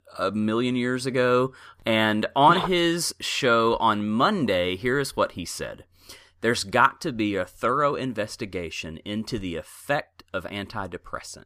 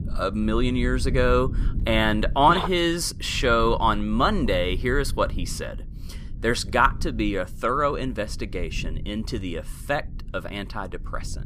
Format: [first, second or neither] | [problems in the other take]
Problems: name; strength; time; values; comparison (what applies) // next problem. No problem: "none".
first | low rumble; faint; throughout; 25 dB below the speech